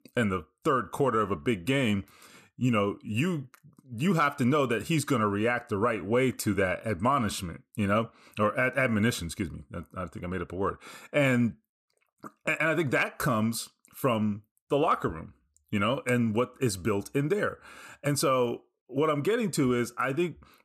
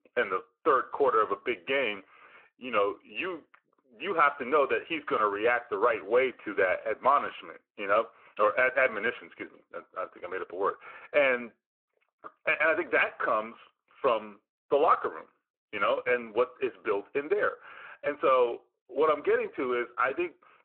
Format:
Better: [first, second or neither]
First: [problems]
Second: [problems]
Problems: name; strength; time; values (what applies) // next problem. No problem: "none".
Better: first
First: none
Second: phone-call audio